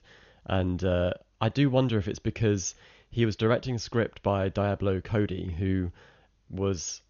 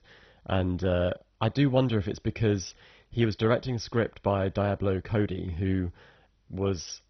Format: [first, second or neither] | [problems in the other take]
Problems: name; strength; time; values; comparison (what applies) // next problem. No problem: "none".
first | garbled, watery; badly; nothing above 6 kHz; slightly in the first